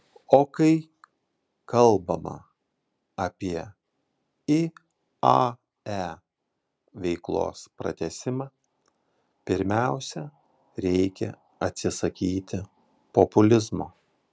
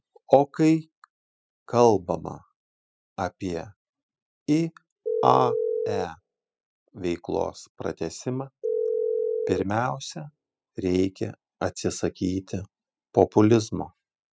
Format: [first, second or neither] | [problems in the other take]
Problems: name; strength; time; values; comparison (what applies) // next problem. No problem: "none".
first | noise reduction (classical method spectral subtraction)